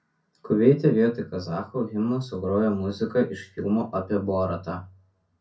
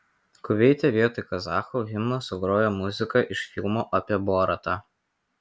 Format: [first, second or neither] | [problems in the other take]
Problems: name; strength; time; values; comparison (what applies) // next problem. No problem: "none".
second | room echo; dies away in 0.3 s